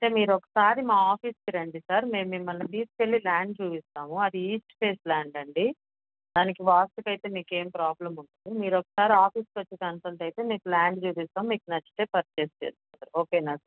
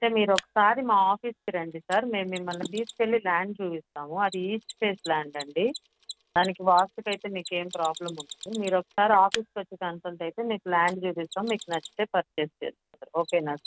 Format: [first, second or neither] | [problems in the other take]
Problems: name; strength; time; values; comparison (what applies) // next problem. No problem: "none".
first | background sound (Mechanisms); 17 dB below the speech